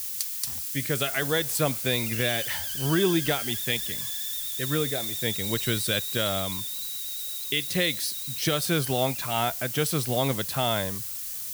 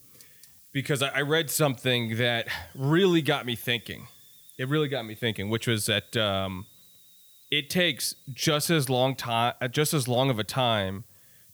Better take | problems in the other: second | hiss; loud; throughout; 2 dB below the speech; faint in the second

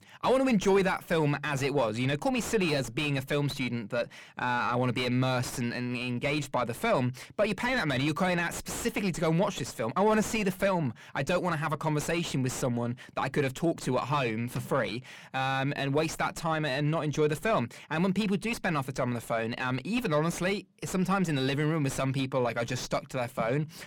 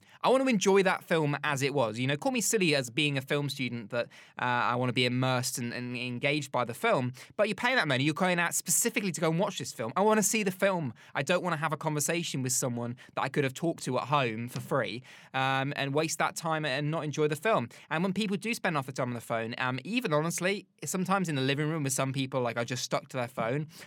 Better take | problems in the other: second | distortion; heavy; 7 dB below the speech

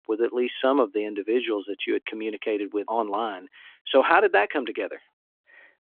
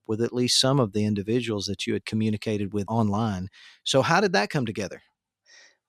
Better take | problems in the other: second | phone-call audio; nothing above 3.5 kHz

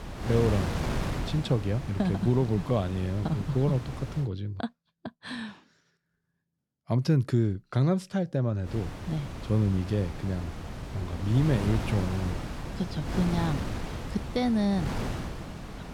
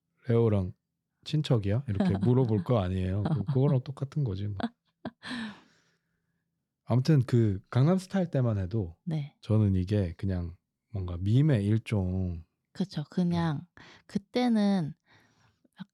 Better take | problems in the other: second | wind noise on the microphone; heavy; until 4 s and from 8.5 s on; 5 dB below the speech

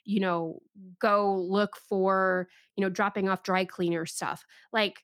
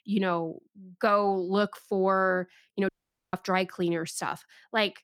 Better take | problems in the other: first | audio cutting out; at 3 s

